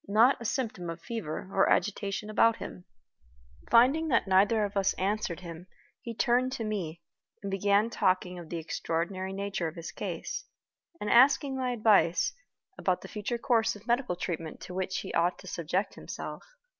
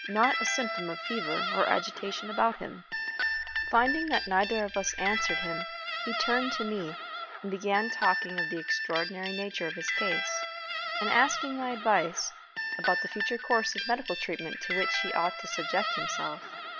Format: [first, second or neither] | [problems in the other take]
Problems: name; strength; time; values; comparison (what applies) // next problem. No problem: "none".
first | background sound (Guitar); 2 dB below the speech